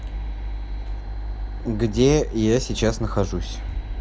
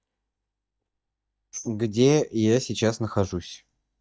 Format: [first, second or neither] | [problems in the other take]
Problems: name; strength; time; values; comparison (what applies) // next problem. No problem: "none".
first | noise reduction (neural mask model DeepFilterNet 3)